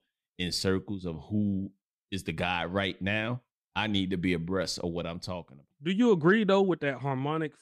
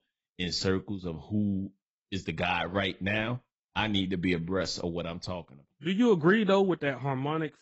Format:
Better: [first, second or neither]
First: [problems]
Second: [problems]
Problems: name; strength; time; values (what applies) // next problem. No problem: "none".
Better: first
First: none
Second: garbled, watery; badly; nothing above 7.5 kHz